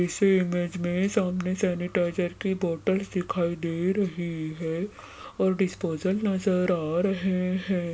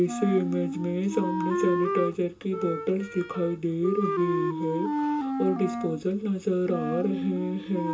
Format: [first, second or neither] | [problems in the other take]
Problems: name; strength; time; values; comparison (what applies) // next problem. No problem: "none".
first | background sound (Wind instrument, woodwind instrument); 3 dB below the speech // room echo; dies away in 0.2 s